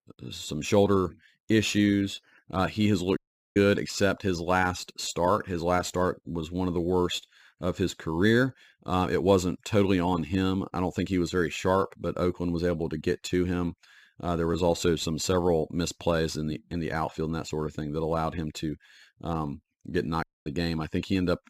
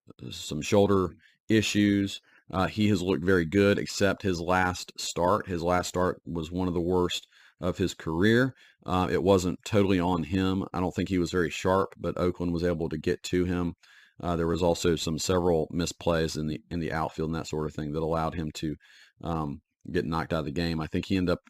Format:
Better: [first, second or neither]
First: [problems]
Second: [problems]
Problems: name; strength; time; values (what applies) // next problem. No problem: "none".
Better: second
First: audio cutting out; at 3 s and at 20 s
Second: none